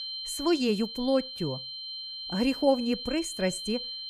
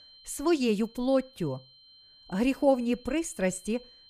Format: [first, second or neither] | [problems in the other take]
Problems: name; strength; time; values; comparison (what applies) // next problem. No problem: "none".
second | high-pitched whine; loud; throughout; 4 kHz, 7 dB below the speech; faint in the second